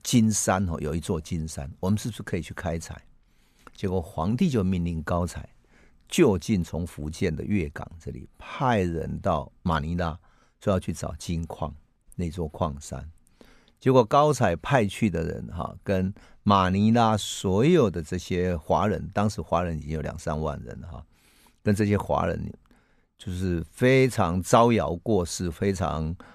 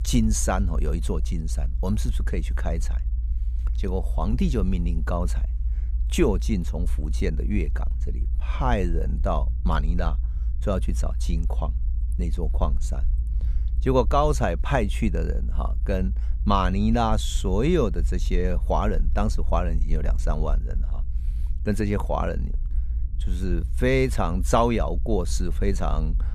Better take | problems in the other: first | low rumble; faint; throughout; 20 dB below the speech

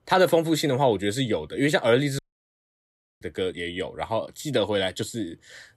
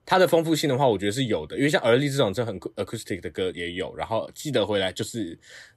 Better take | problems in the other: second | audio cutting out; at 2 s for 1 s

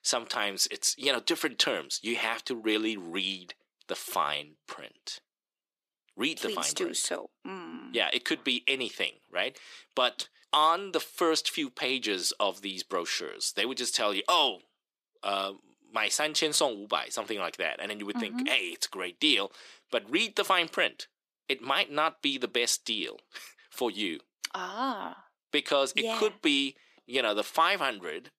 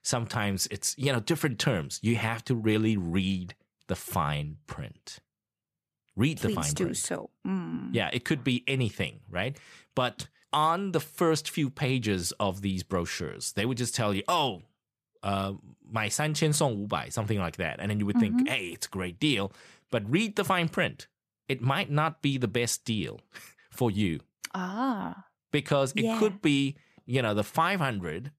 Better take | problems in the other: second | thin; somewhat; fading below 300 Hz

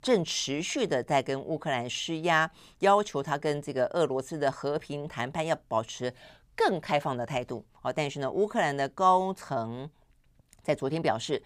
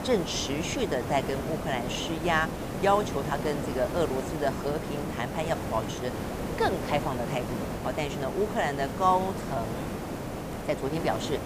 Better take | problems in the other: first | hiss; loud; throughout; 4 dB below the speech

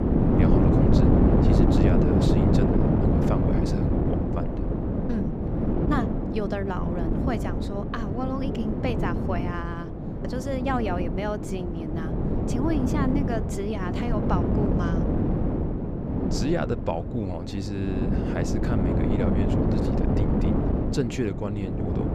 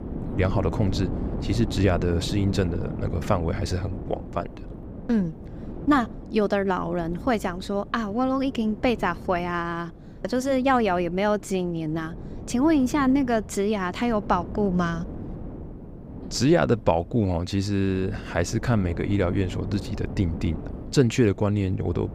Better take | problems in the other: second | wind noise on the microphone; heavy; 2 dB above the speech; occasional gusts in the second

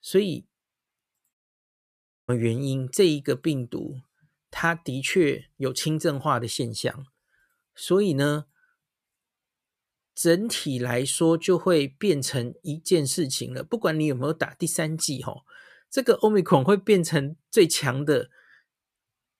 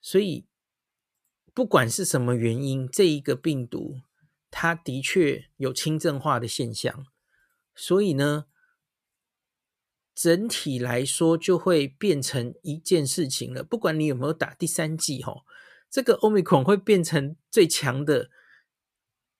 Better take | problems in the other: second | audio cutting out; at 1.5 s for 1 s

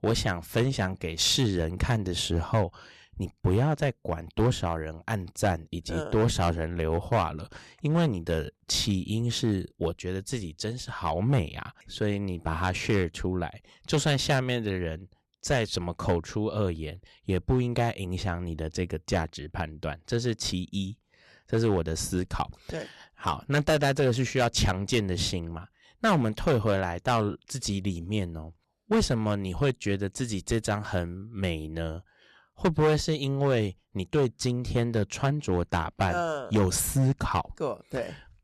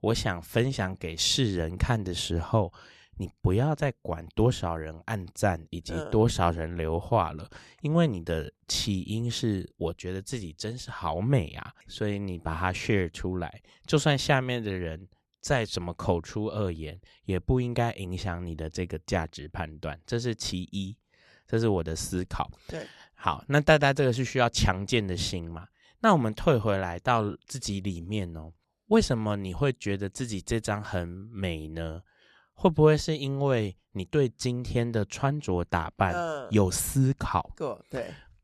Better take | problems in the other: second | distortion; slight; 4% of the sound clipped

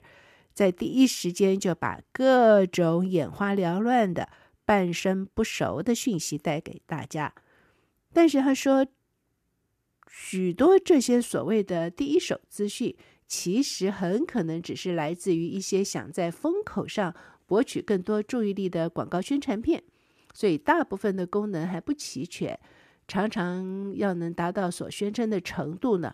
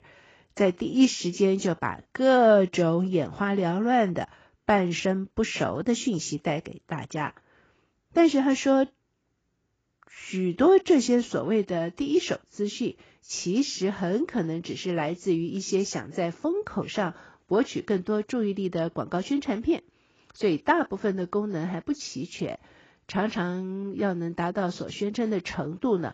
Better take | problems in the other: first | garbled, watery; badly; nothing above 7.5 kHz

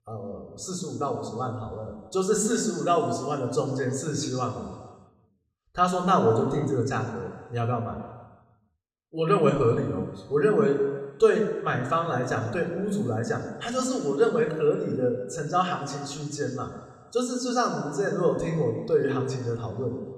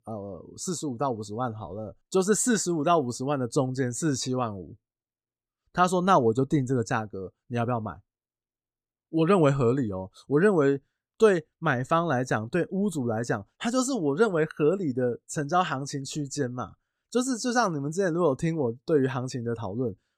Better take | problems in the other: second | room echo; slight; dies away in 1.3 s

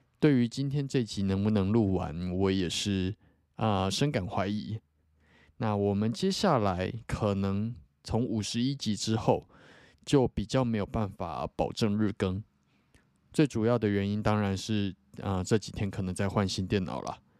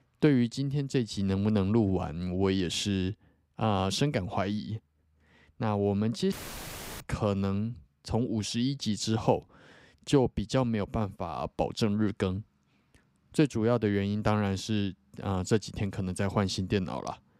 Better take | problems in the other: first | audio cutting out; filled with static; at 6.5 s for 0.5 s

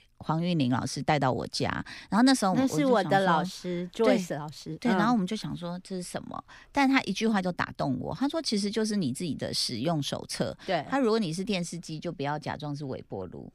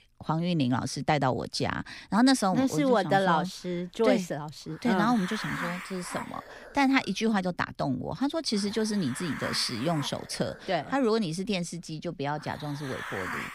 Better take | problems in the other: first | hiss; noticeable; from 3.5 s on; 10 dB below the speech

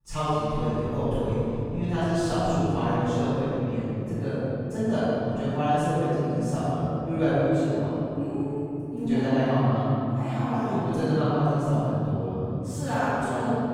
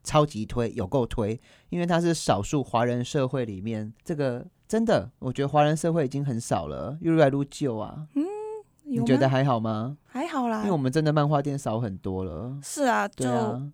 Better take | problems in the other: second | room echo; strong; dies away in 3 s // off-mic speech; far

